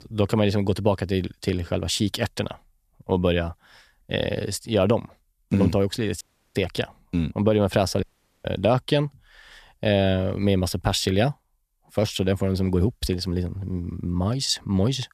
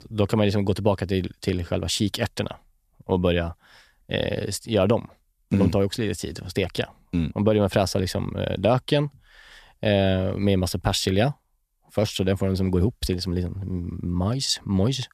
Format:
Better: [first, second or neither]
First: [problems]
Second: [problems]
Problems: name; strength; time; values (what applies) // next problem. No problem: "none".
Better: second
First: audio cutting out; at 6 s and at 8 s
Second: none